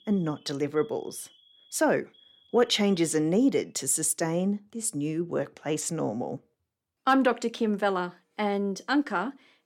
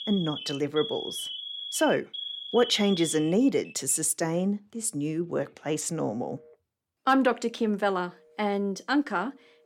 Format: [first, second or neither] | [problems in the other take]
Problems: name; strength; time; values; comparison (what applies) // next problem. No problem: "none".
first | alarms or sirens; loud; throughout; 8 dB below the speech; faint in the first